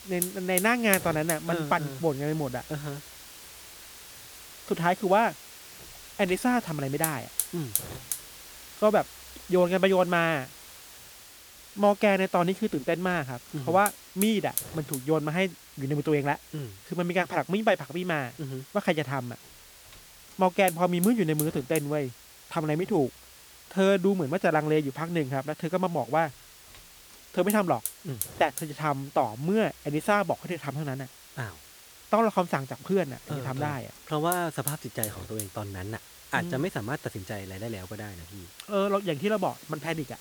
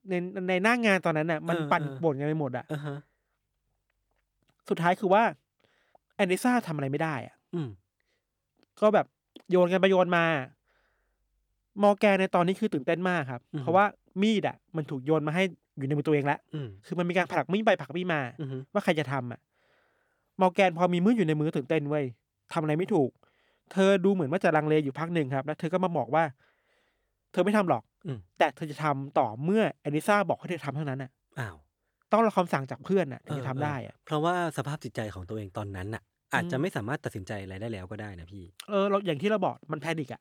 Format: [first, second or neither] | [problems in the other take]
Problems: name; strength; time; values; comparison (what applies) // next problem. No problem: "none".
second | hiss; noticeable; throughout; 10 dB below the speech